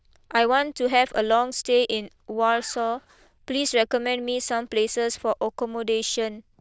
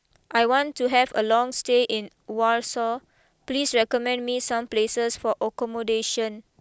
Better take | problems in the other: second | noise reduction (neural diffusion model UNIVERSE++)

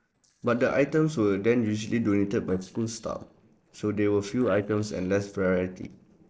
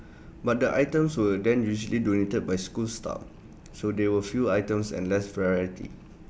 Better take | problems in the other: second | noise reduction (neural separator model SepFormer DNS4)

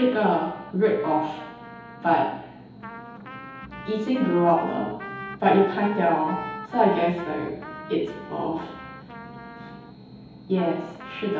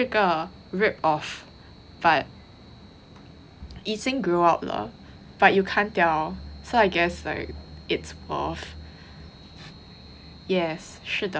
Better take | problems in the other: second | background sound (Trumpet); 14 dB below the speech // room echo; dies away in 2.2 s

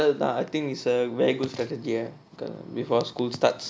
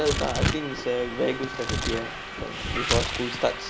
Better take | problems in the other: first | background sound (Tearing + Subway, metro, underground); 1 dB below the speech

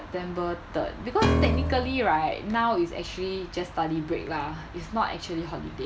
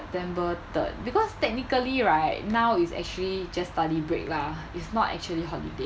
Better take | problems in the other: second | background sound (Piano); 2 dB above the speech

